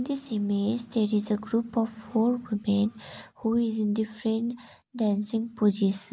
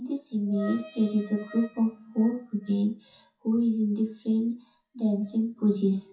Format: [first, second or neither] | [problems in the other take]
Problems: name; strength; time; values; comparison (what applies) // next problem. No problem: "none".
first | noise reduction (classical method WPE with log-MMSE)